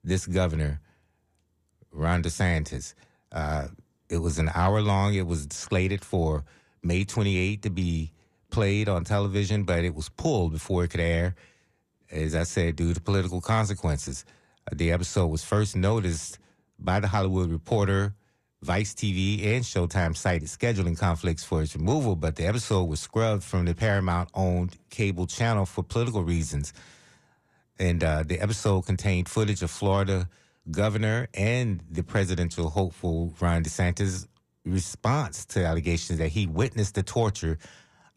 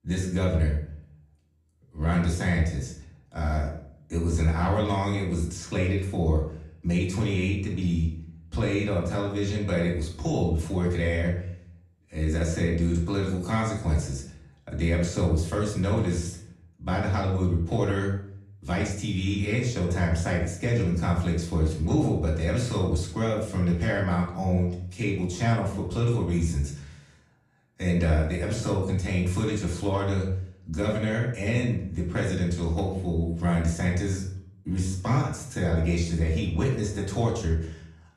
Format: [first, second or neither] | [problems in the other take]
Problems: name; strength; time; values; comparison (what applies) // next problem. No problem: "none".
first | off-mic speech; far // room echo; noticeable; dies away in 0.5 s